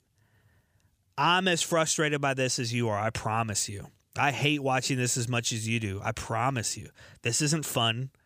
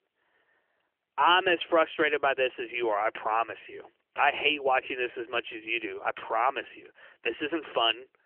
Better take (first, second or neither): first